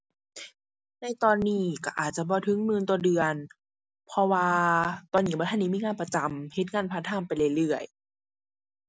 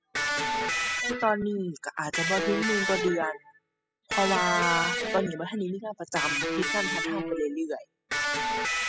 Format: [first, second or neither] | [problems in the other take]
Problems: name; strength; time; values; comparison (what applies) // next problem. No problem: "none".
first | noise reduction (classical method spectral subtraction)